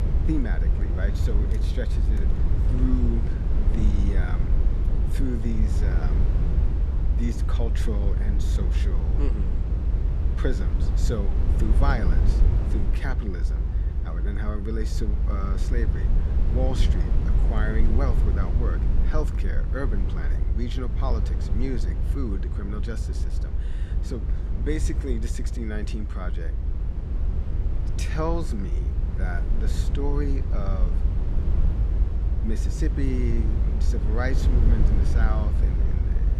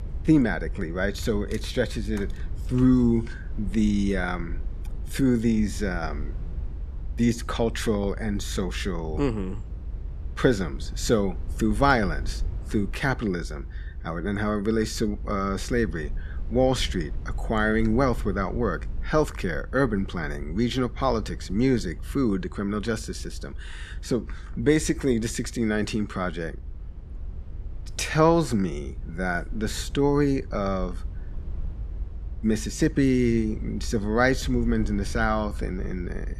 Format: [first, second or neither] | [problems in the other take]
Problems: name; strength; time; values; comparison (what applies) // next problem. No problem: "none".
second | low rumble; loud; throughout; 5 dB below the speech; faint in the second